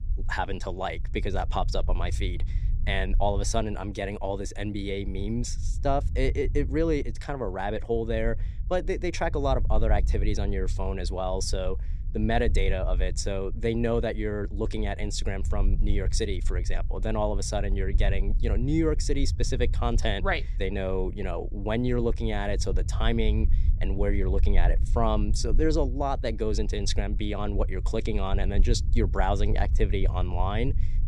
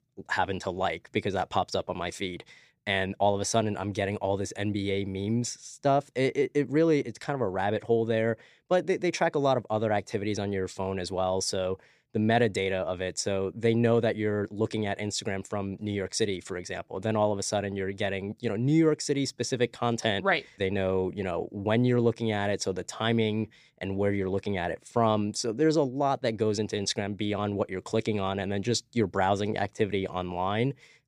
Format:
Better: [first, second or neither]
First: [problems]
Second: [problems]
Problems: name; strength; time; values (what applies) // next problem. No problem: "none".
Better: second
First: low rumble; noticeable; throughout; 20 dB below the speech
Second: none